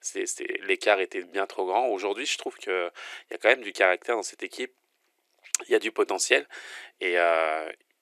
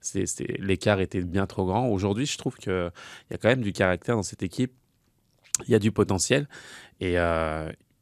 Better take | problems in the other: second | thin; very; fading below 350 Hz

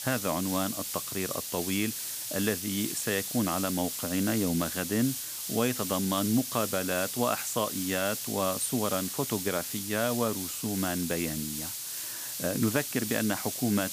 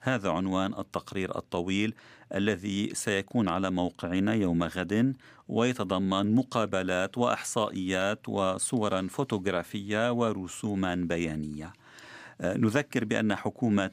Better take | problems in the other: second | hiss; loud; throughout; 3 dB below the speech

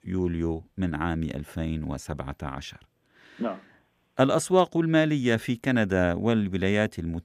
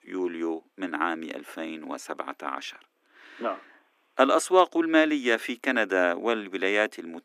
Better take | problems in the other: first | thin; somewhat; fading below 300 Hz

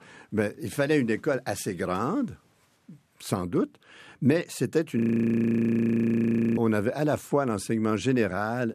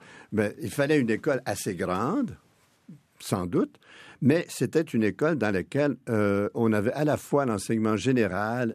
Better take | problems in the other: second | audio freezing; at 5 s for 1.5 s

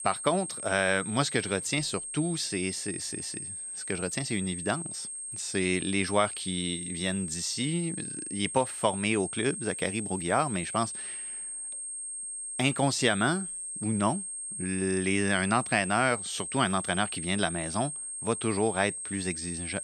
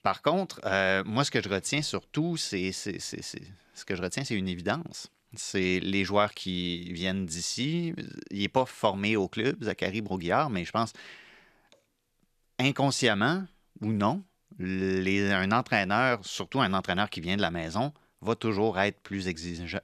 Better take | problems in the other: second | high-pitched whine; loud; throughout; 8.5 kHz, 5 dB below the speech

